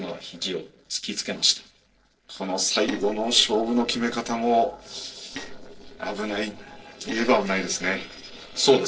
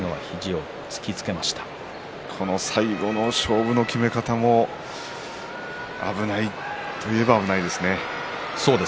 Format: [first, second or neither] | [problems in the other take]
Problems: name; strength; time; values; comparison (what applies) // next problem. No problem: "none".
second | noise reduction (neural separator model SepFormer DNS4)